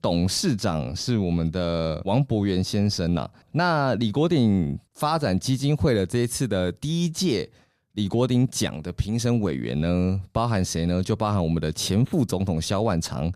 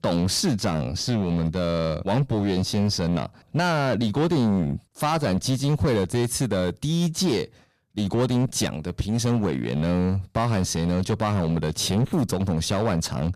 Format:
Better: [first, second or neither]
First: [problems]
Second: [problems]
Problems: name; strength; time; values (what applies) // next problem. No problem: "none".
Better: first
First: none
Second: distortion; slight; 12% of the sound clipped